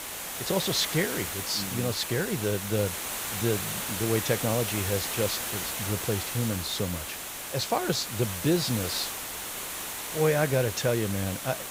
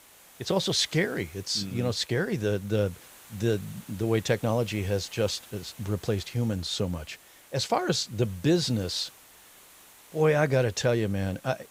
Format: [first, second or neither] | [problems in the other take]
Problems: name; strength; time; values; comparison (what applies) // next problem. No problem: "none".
second | hiss; loud; throughout; 3 dB below the speech; faint in the second